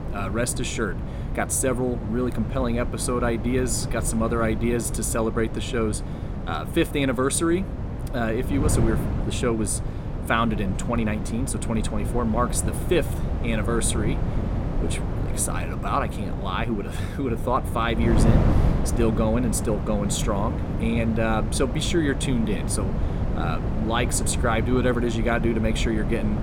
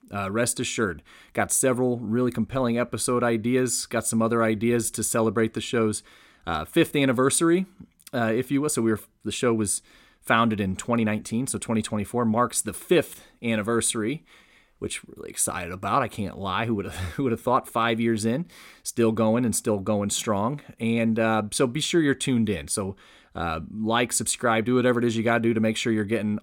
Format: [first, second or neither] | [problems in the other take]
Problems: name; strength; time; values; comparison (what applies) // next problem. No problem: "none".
second | wind noise on the microphone; heavy; 8 dB below the speech